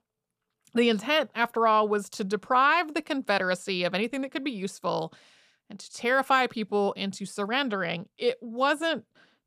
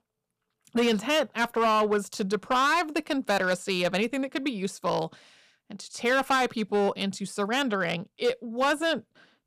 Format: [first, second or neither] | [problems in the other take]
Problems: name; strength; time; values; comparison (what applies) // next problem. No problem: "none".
first | distortion; slight; 6% of the sound clipped